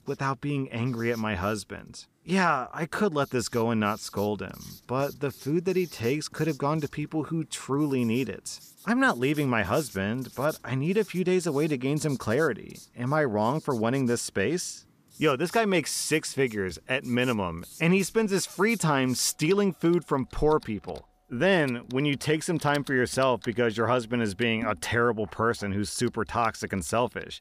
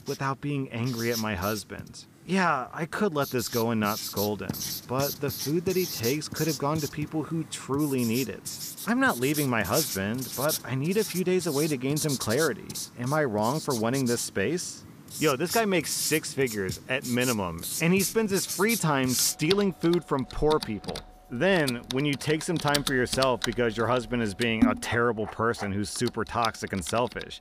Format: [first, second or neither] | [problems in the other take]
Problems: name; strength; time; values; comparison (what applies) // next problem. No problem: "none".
first | household noises; loud; throughout; 6 dB below the speech; faint in the first